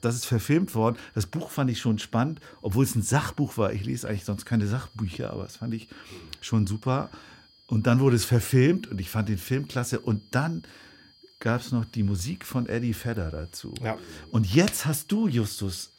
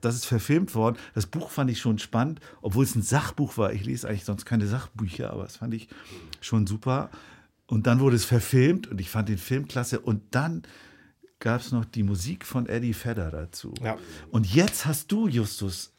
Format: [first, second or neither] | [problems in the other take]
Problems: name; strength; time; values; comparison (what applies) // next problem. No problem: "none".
second | high-pitched whine; faint; throughout; 5 kHz, 30 dB below the speech